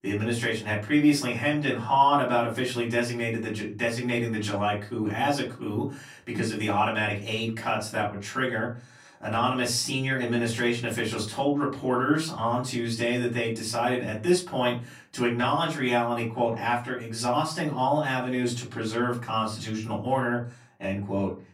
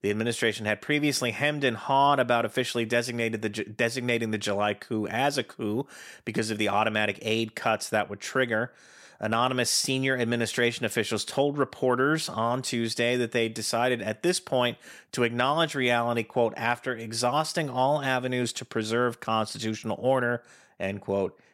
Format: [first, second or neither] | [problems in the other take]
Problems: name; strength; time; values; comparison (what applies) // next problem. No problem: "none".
second | off-mic speech; far // room echo; slight; dies away in 0.3 s